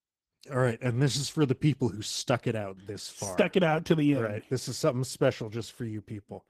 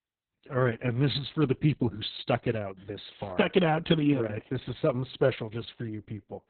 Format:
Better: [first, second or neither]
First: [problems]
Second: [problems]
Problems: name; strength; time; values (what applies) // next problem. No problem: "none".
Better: first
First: garbled, watery; slightly; nothing above 14 kHz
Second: garbled, watery; badly; nothing above 4 kHz